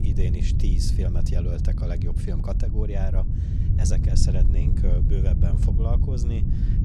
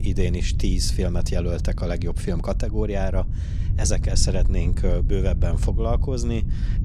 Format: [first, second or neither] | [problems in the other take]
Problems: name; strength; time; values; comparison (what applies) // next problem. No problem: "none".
second | wind noise on the microphone; heavy; 1 dB below the speech; occasional gusts in the second